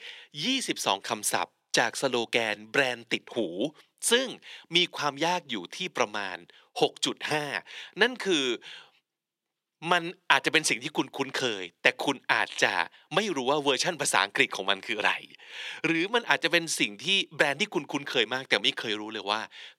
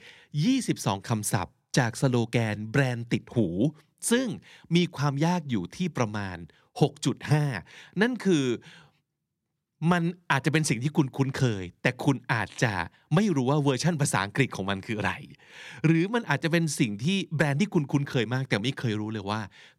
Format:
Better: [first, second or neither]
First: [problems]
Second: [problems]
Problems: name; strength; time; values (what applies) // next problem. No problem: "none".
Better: second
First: thin; very; fading below 500 Hz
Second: none